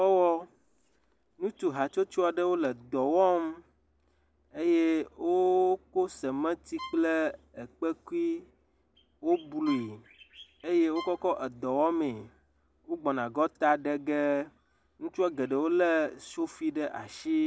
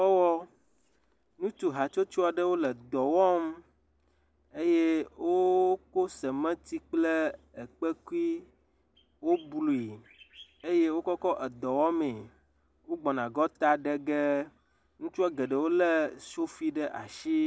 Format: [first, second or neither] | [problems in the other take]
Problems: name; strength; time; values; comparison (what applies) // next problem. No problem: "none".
second | background sound (Bowed string instrument); 19 dB below the speech